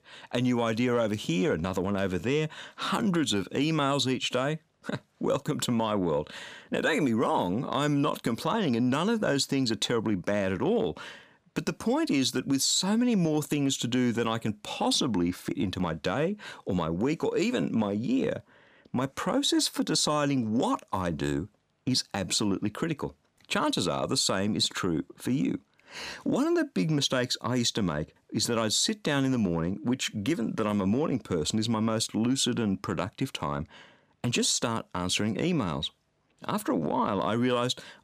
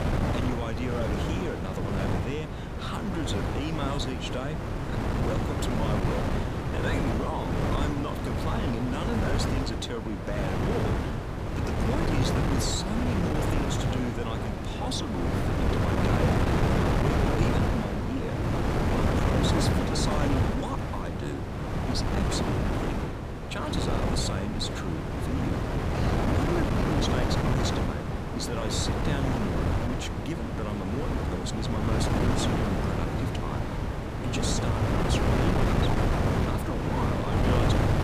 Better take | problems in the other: first | wind noise on the microphone; heavy; 4 dB above the speech

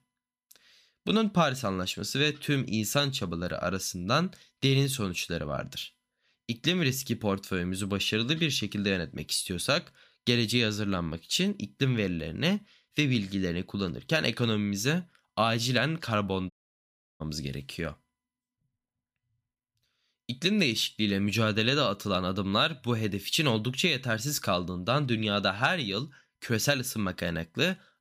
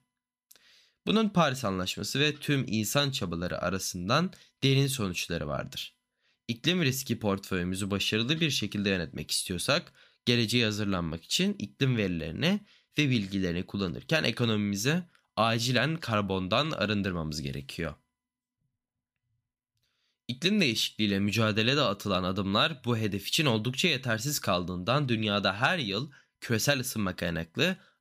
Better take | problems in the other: second | audio cutting out; at 17 s for 0.5 s

